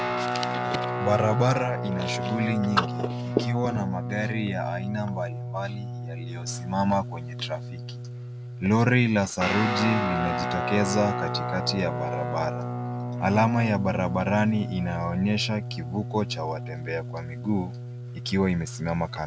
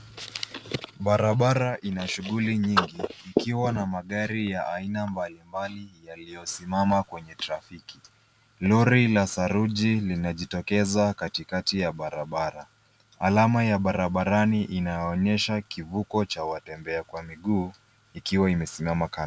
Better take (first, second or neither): second